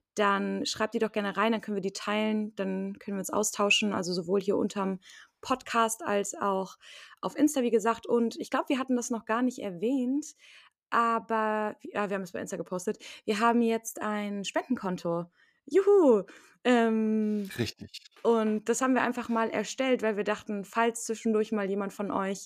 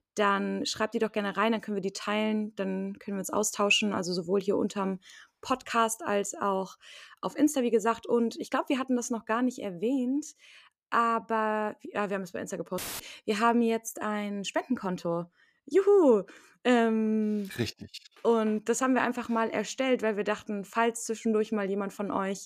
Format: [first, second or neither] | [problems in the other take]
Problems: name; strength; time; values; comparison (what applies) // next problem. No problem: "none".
first | audio cutting out; filled with static; at 13 s